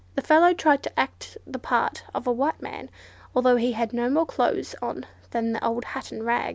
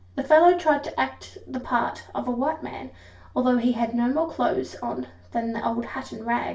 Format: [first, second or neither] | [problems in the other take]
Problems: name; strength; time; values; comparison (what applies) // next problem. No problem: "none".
first | room echo; dies away in 0.3 s